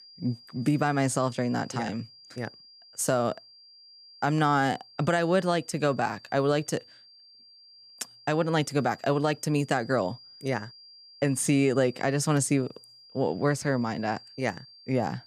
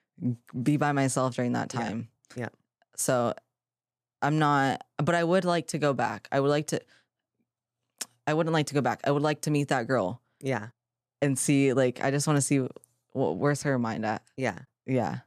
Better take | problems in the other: second | high-pitched whine; faint; throughout; 5 kHz, 20 dB below the speech

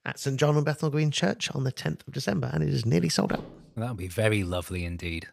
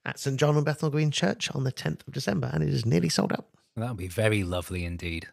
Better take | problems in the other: second | clattering dishes; faint; at 3.5 s; peak 15 dB below the speech

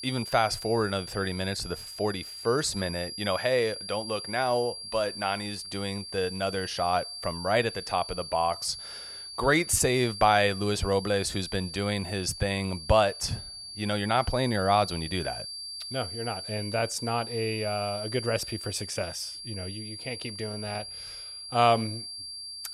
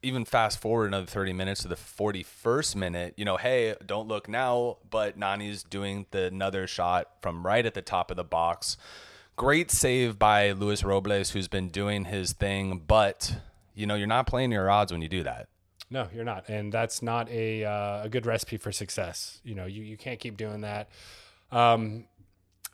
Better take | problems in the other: second | high-pitched whine; loud; throughout; 4.5 kHz, 9 dB below the speech

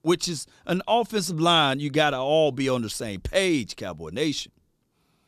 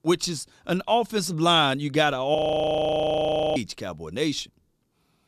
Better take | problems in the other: first | audio freezing; at 2.5 s for 1 s

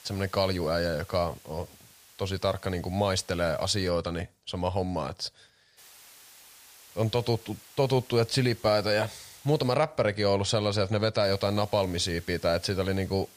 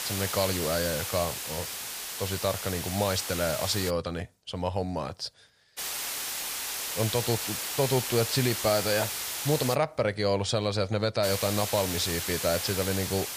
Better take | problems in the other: first | hiss; loud; until 4 s, from 6 to 9.5 s and from 11 s on; 3 dB below the speech; faint in the first

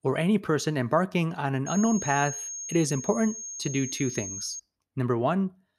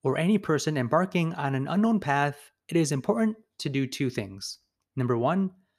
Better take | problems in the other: second | high-pitched whine; loud; from 1.5 to 4.5 s; 6.5 kHz, 7 dB below the speech

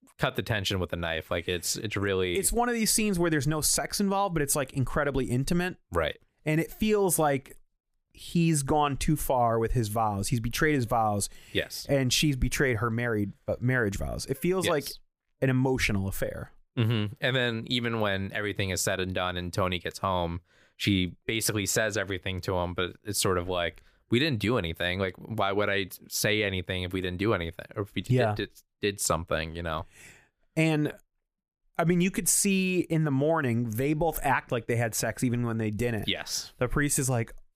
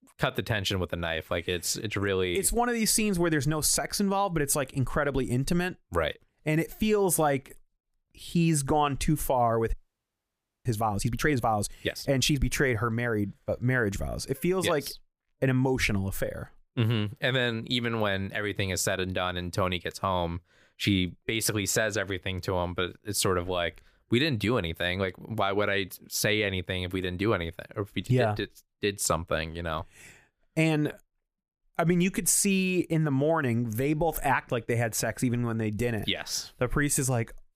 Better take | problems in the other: first | audio freezing; at 9.5 s for 1 s

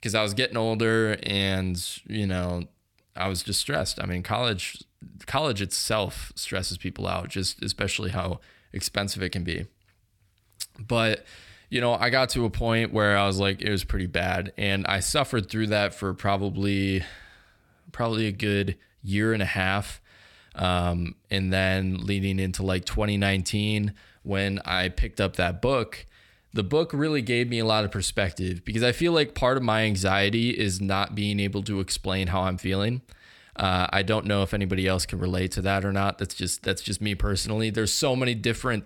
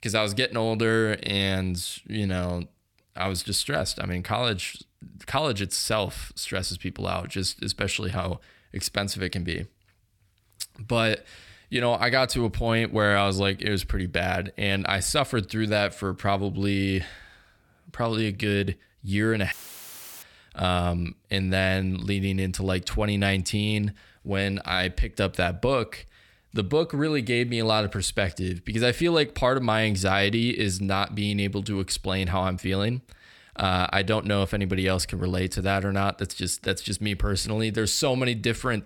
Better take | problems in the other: first | audio cutting out; filled with static; at 20 s for 0.5 s

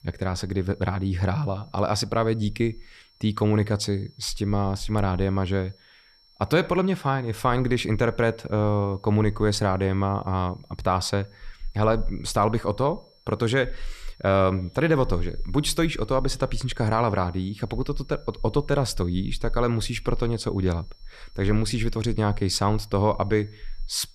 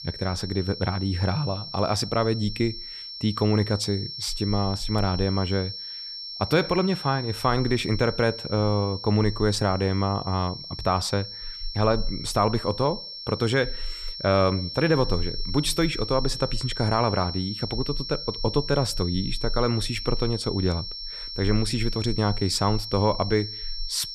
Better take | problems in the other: first | high-pitched whine; loud; throughout; 5.5 kHz, 8 dB below the speech; faint in the first

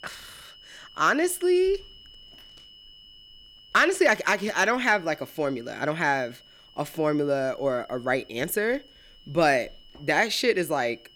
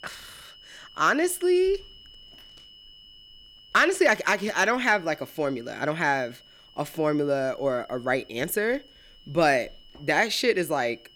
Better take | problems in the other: neither | high-pitched whine; faint; throughout; 3 kHz, 25 dB below the speech; the same in both

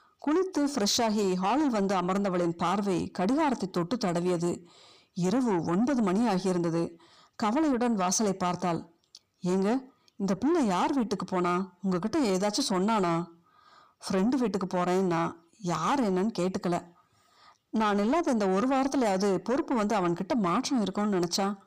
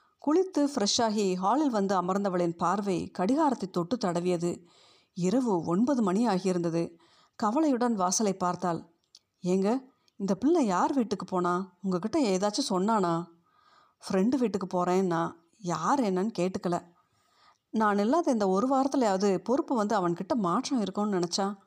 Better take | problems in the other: second | distortion; slight; 10 dB below the speech

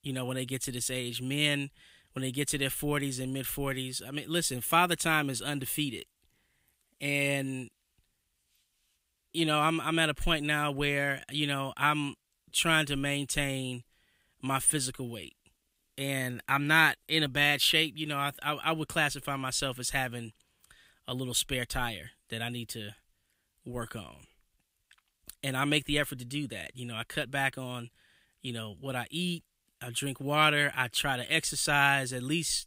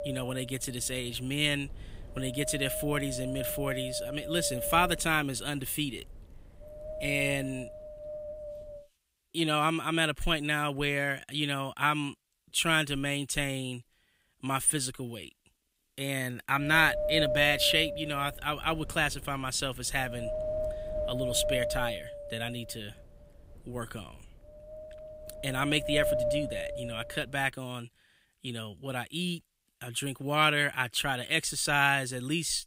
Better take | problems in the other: first | wind noise on the microphone; heavy; until 9 s and from 17 to 28 s; 6 dB below the speech

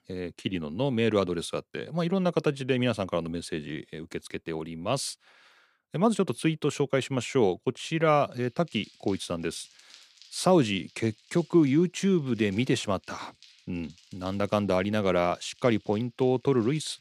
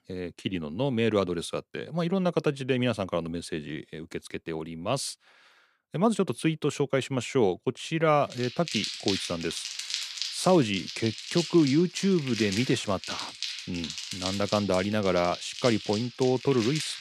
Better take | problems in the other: first | household noises; loud; from 8.5 s on; 7 dB below the speech; faint in the first

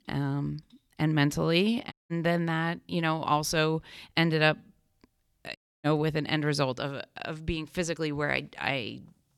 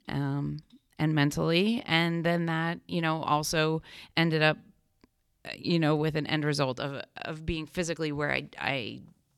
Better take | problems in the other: second | audio cutting out; at 2 s and at 5.5 s

